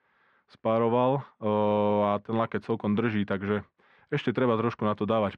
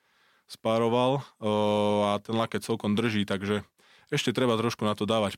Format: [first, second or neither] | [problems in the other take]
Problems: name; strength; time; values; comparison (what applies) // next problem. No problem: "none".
second | muffled; very; fading above 1.5 kHz